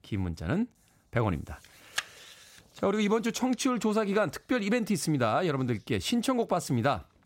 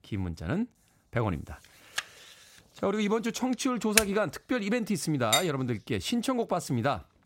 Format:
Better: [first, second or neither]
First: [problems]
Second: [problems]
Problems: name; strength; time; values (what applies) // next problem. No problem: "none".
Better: first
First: none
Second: keyboard typing; very faint; at 4 s; peak 5 dB above the speech // clattering dishes; loud; at 5.5 s; peak 2 dB above the speech